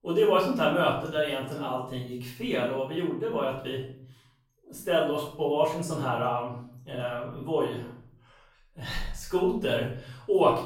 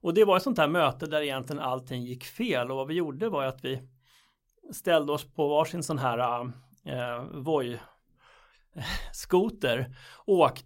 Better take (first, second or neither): second